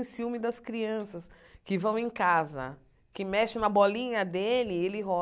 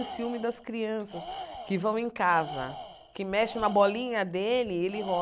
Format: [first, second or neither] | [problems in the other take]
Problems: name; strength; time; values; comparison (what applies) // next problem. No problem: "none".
first | background sound (Tools); 14 dB below the speech